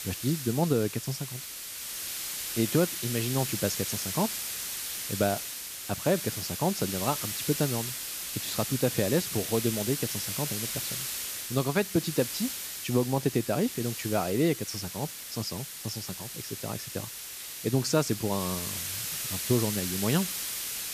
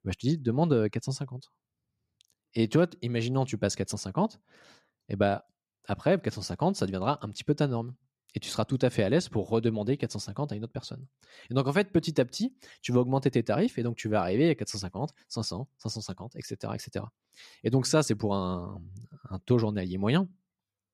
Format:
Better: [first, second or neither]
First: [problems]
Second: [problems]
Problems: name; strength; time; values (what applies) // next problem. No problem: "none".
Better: second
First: hiss; loud; throughout; 3 dB below the speech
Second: none